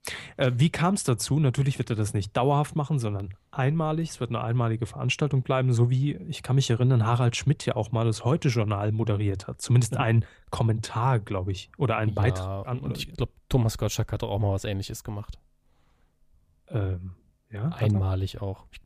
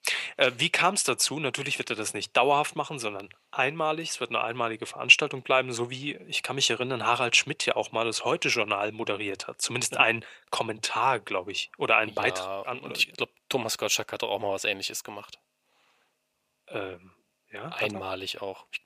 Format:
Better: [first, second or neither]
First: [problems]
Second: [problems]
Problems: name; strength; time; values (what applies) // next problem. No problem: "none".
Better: first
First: none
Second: thin; very; fading below 450 Hz